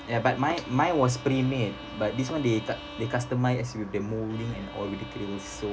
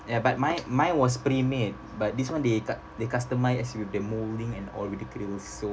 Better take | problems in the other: second | background sound (Bowed string instrument); 16 dB below the speech

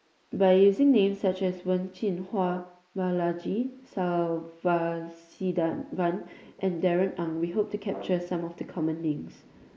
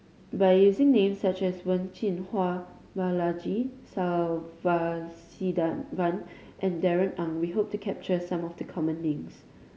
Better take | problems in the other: second | noise reduction (neural mask model Resemble Enhance denoiser)

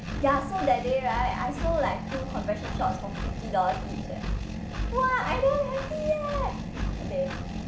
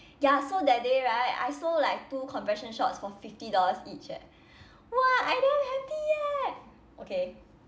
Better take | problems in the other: second | background sound (Engine); 4 dB below the speech // room echo; dies away in 0.4 s

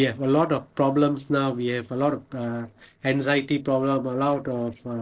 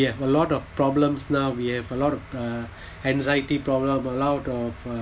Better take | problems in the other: second | noise reduction (neural separator model SepFormer DNS4)

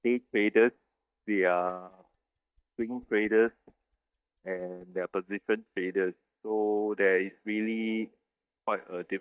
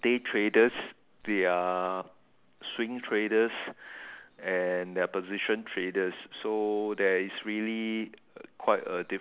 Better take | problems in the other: second | noise reduction (neural mask model DeepFilterNet 3)

